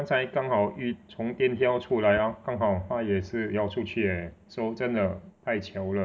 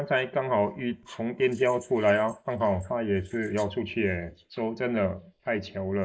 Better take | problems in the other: first | noise reduction (neural mask model Resemble Enhance denoiser)

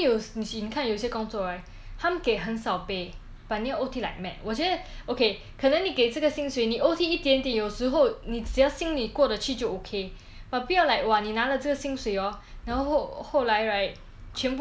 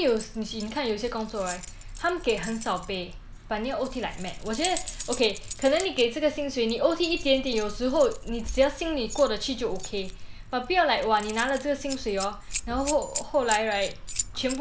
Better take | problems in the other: first | background sound (Keys jangling); 11 dB below the speech

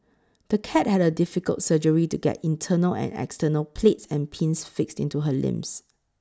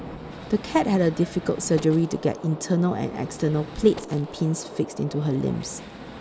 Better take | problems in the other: first | background sound (Gunshot, gunfire); 13 dB below the speech

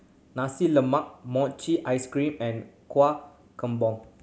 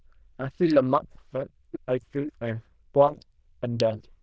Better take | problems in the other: first | noise reduction (neural diffusion model UNIVERSE++)

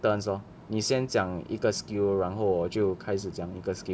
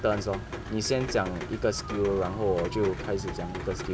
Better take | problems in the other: first | background sound (Rain); 8 dB below the speech

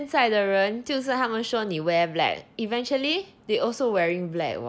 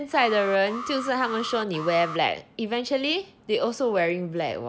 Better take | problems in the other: first | background sound (Alarm); 12 dB below the speech

